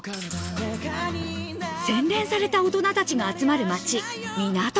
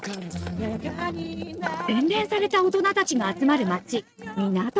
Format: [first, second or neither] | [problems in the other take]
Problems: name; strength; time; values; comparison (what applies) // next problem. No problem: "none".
first | noise reduction (neural mask model RNNoise)